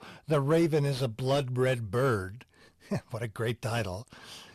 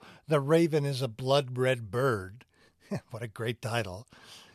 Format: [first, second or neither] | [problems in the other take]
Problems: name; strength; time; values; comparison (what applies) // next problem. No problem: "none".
second | distortion; slight; 10 dB below the speech